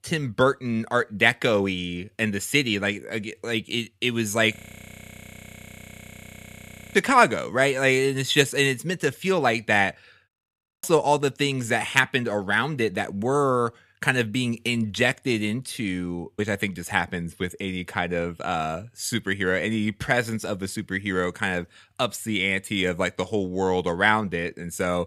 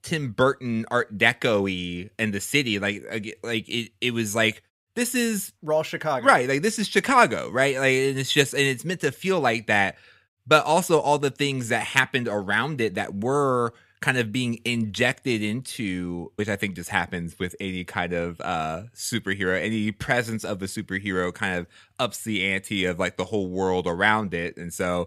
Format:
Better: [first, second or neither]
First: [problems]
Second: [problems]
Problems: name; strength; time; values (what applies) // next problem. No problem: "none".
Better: second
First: audio freezing; at 4.5 s for 2.5 s and at 10 s for 0.5 s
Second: none